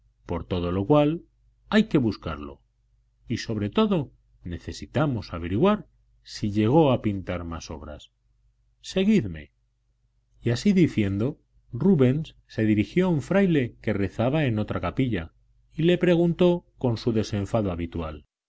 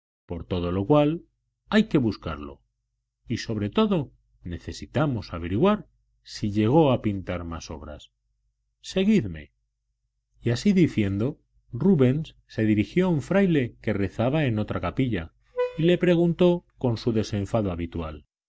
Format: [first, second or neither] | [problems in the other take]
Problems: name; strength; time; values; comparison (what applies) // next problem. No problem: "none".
first | noise reduction (neural mask model DeepFilterNet 3)